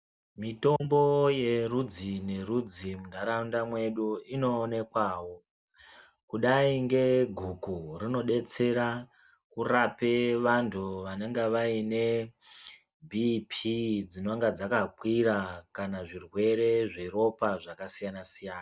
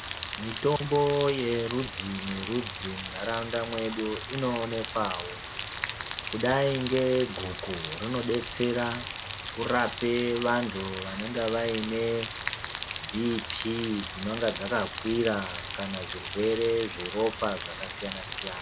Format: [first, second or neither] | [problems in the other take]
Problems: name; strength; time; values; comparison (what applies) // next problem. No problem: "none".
first | background sound (Rain); 7 dB below the speech